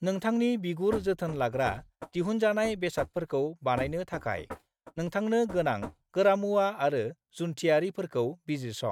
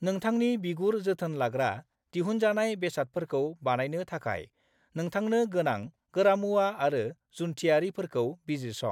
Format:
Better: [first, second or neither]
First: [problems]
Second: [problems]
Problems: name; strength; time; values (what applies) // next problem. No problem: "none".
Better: second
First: noise reduction (neural mask model RNNoise)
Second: none